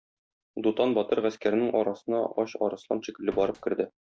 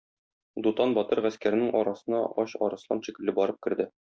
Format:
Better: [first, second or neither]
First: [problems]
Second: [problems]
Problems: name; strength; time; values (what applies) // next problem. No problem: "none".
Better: second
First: background sound (Slam); 19 dB below the speech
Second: none